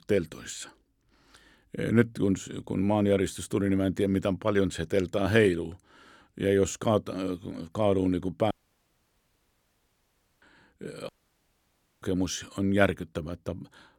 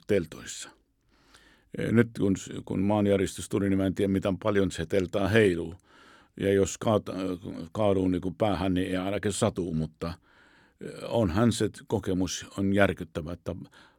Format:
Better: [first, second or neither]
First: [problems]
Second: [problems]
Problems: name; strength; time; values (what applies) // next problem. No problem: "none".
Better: second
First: audio cutting out; at 8.5 s for 2 s and at 11 s for 1 s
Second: none